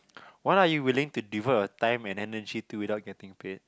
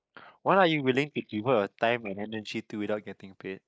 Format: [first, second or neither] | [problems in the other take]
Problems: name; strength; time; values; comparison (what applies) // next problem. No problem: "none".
first | noise reduction (neural mask model Resemble Enhance denoiser)